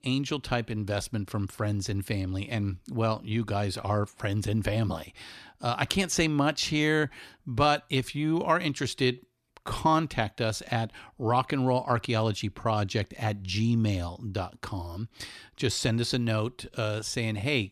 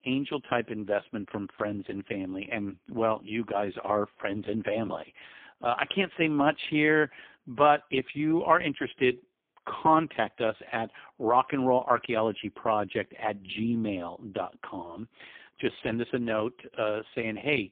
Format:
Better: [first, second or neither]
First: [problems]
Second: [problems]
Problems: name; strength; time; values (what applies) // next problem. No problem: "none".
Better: first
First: none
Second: phone-call audio; poor line